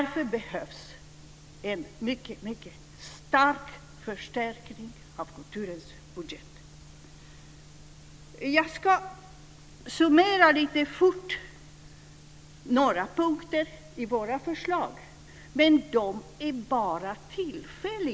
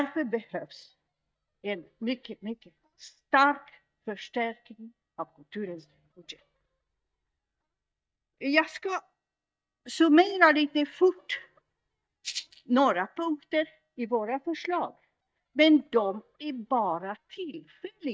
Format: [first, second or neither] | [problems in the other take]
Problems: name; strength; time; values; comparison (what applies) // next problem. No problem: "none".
first | noise reduction (neural mask model DeepFilterNet 3)